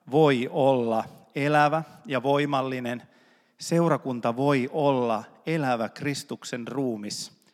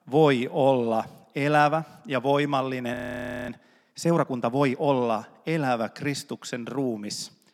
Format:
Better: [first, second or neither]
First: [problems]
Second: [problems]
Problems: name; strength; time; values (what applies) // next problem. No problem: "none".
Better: first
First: none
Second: audio freezing; at 3 s for 0.5 s